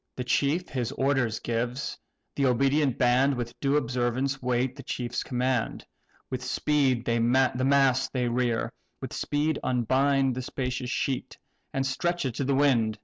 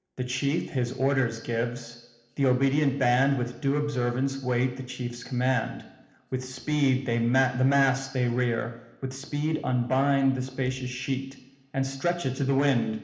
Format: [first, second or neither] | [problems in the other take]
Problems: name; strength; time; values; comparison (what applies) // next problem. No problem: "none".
first | room echo; dies away in 1 s